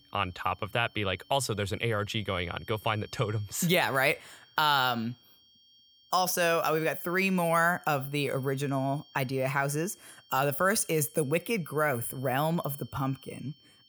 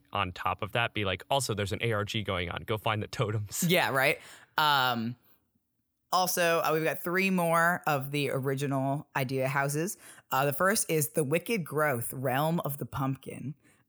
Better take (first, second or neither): second